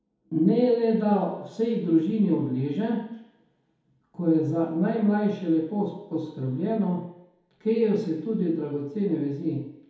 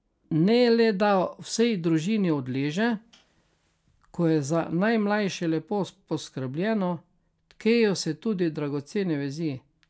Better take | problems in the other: second | room echo; dies away in 1.9 s

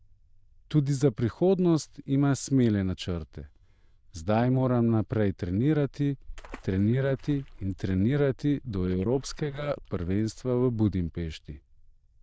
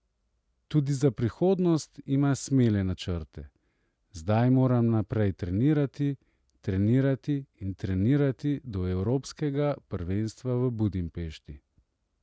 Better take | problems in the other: second | noise reduction (neural diffusion model UNIVERSE++)

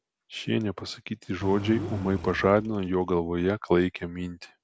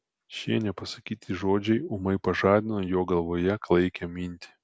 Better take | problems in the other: second | background sound (Engine); 11 dB below the speech

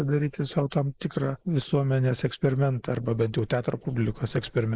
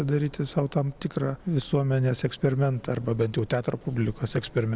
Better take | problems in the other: second | noise reduction (neural mask model Resemble Enhance denoiser)

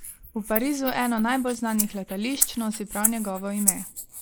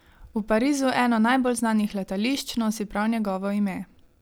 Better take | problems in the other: second | noise reduction (neural mask model Resemble Enhance denoiser)

